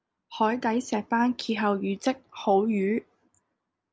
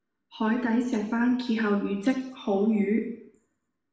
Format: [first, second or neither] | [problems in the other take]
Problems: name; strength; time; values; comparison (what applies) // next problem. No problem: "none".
first | room echo; dies away in 0.7 s